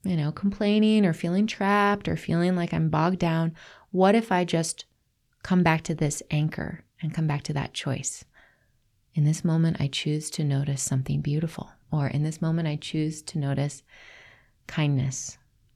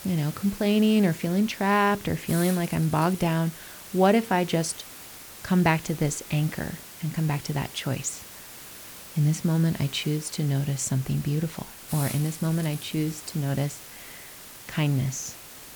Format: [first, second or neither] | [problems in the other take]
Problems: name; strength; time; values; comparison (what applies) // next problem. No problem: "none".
first | hiss; noticeable; throughout; 15 dB below the speech